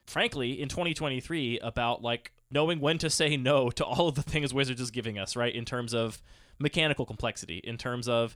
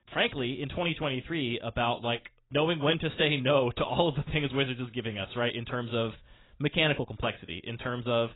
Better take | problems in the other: first | garbled, watery; badly; nothing above 4 kHz

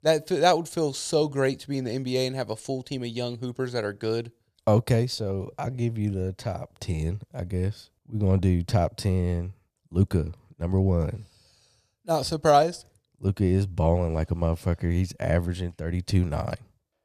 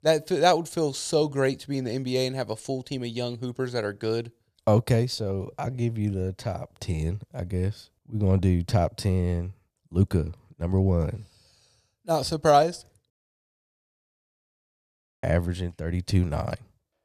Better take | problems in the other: first | audio cutting out; at 13 s for 2 s

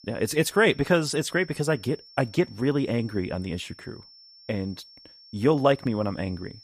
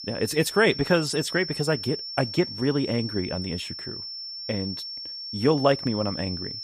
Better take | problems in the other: first | high-pitched whine; loud; throughout; 5.5 kHz, 8 dB below the speech; faint in the first

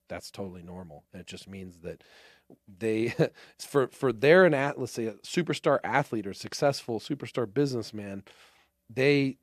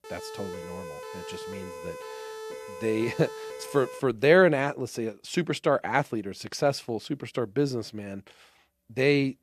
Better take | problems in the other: first | siren; faint; until 4 s; peak 10 dB below the speech

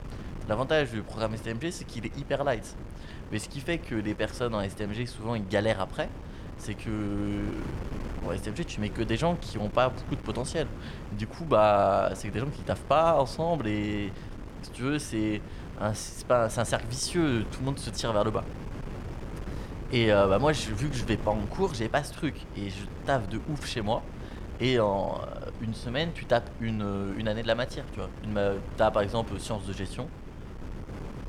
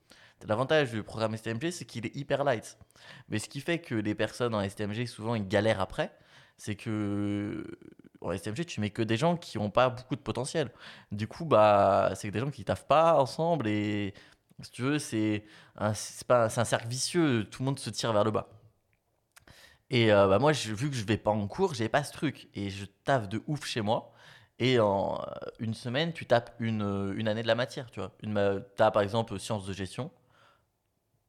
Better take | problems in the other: second | wind noise on the microphone; occasional gusts; 15 dB below the speech

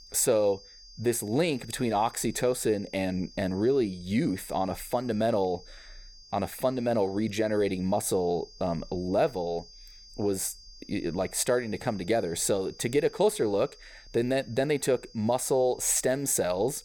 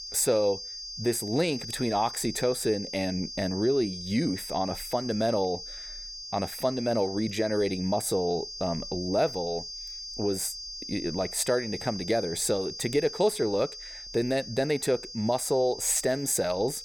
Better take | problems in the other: first | high-pitched whine; loud; throughout; 5 kHz, 9 dB below the speech; faint in the first

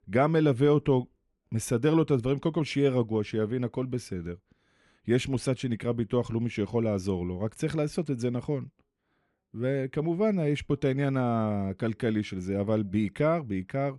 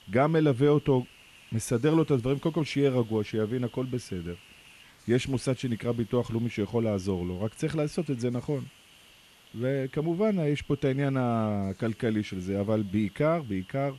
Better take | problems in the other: first | hiss; faint; throughout; 25 dB below the speech

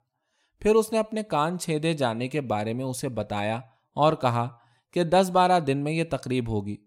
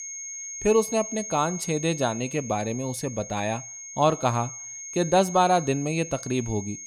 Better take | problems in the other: first | high-pitched whine; loud; throughout; 6.5 kHz, 10 dB below the speech

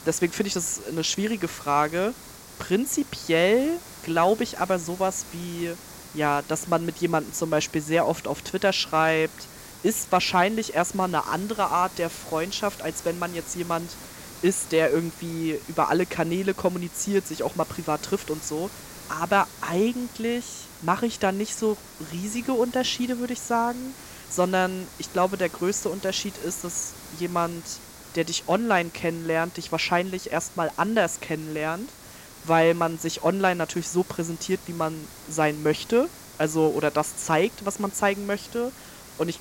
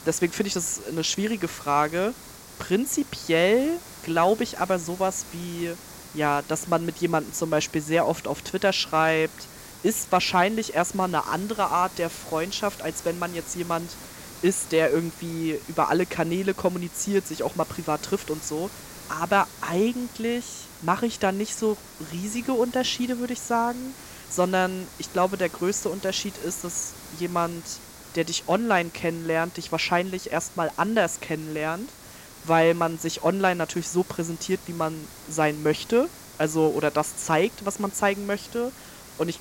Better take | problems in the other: neither | hiss; noticeable; throughout; 15 dB below the speech; the same in both

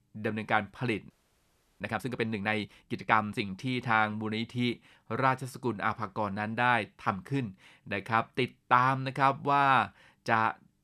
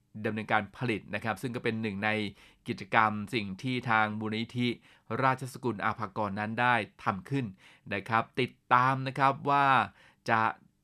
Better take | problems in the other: second | audio freezing; at 1 s for 0.5 s

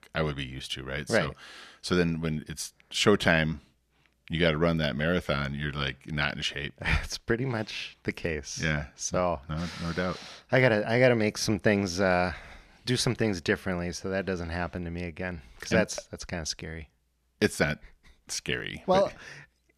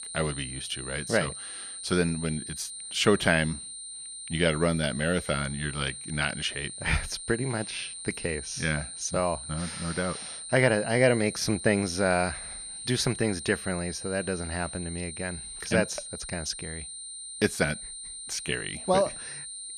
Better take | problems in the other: first | high-pitched whine; loud; throughout; 9 kHz, 9 dB below the speech

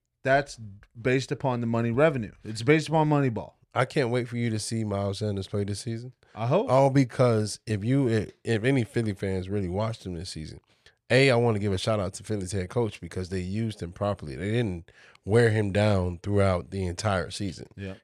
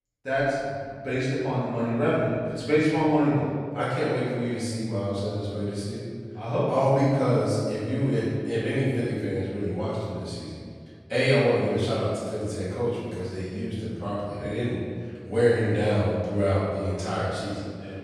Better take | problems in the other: first | room echo; strong; dies away in 1.7 s // off-mic speech; far

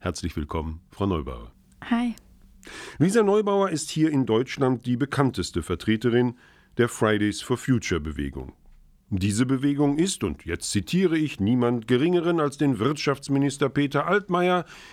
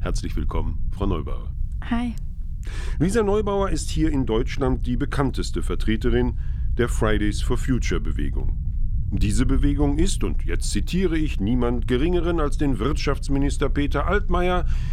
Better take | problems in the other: first | low rumble; faint; throughout; 20 dB below the speech

